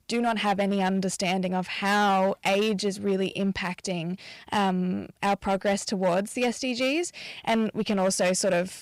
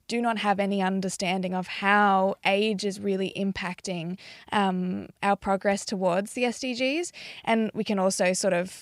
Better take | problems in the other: second | distortion; slight; 7% of the sound clipped

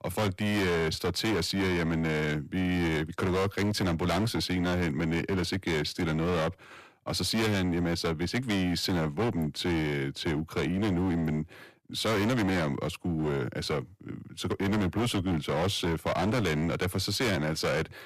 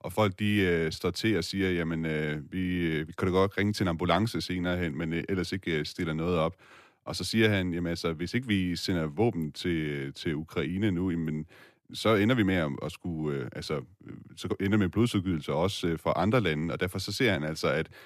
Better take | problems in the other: second | distortion; heavy; 24% of the sound clipped

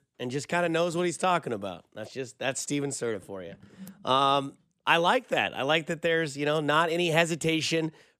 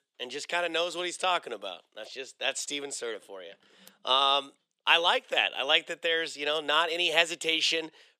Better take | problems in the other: first | thin; somewhat; fading below 500 Hz

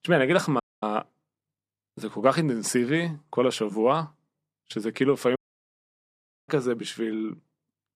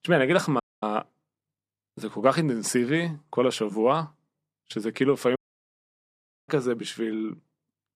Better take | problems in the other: neither | audio cutting out; at 0.5 s and at 5.5 s for 1 s; the same in both

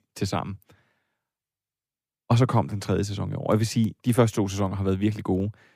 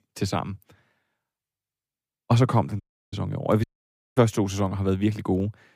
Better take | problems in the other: first | audio cutting out; at 3 s and at 3.5 s for 0.5 s

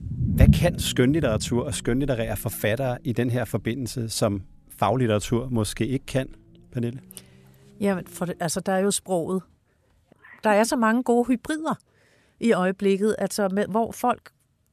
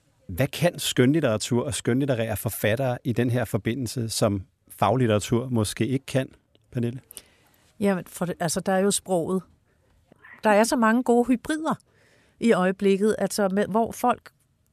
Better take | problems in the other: second | low rumble; loud; until 8.5 s; 10 dB below the speech

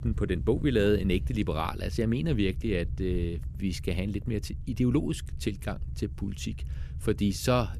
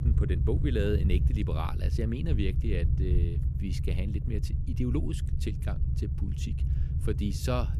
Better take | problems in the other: first | low rumble; loud; throughout; 7 dB below the speech; faint in the first

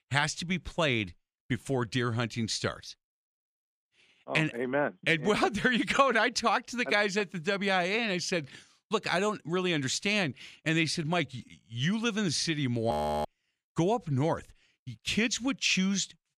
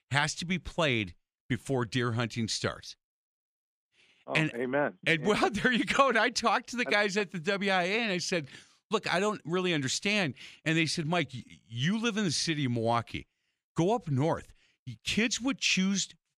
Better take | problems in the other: second | audio freezing; at 13 s

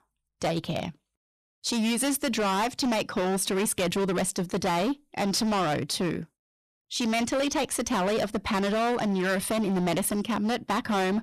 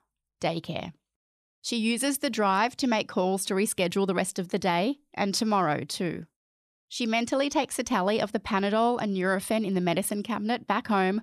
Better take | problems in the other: second | distortion; heavy; 23% of the sound clipped

